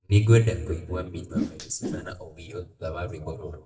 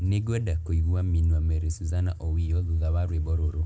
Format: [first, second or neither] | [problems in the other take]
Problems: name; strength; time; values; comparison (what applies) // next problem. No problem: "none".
second | noise reduction (neural mask model DeepFilterNet 3)